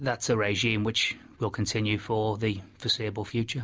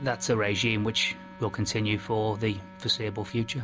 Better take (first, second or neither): first